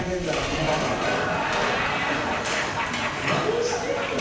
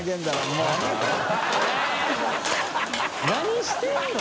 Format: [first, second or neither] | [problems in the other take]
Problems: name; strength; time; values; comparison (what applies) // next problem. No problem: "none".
second | background sound (Boom); 12 dB below the speech // room echo; dies away in 0.9 s